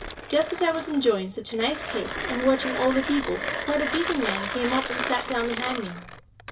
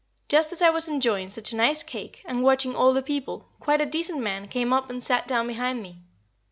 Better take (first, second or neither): second